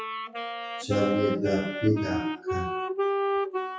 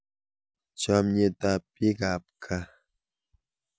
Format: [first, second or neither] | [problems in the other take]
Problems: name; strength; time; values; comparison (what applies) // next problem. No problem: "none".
second | noise reduction (classical method WPE with log-MMSE)